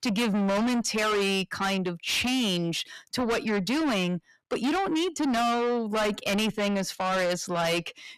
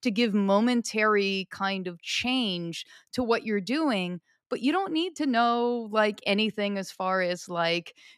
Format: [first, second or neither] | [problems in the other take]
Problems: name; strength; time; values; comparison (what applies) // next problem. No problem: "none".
second | distortion; heavy; 6 dB below the speech